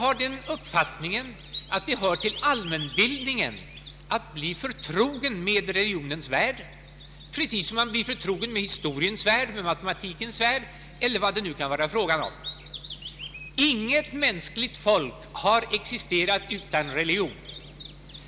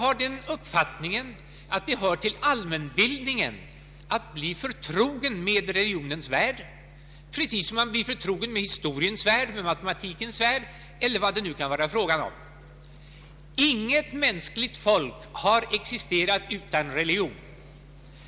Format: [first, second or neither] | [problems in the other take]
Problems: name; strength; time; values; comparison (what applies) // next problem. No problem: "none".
second | background sound (Bird vocalization, bird call, bird song); 17 dB below the speech